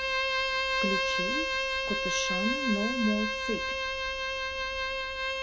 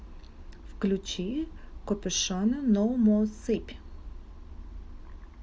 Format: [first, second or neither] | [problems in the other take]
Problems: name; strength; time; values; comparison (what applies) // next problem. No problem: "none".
second | background sound (Bowed string instrument); 5 dB above the speech